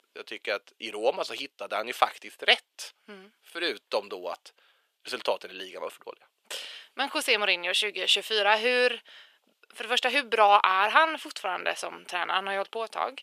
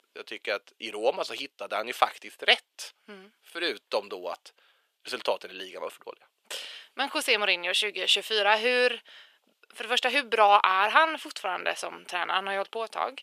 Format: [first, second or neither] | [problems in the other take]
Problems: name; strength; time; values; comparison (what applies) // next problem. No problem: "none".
neither | thin; very; fading below 500 Hz; the same in both